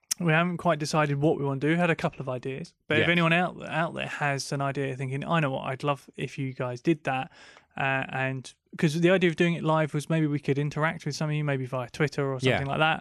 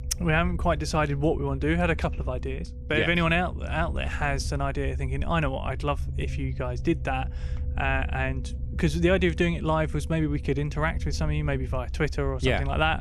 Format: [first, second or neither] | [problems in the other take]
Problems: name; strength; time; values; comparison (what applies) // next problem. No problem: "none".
first | low rumble; faint; throughout; 20 dB below the speech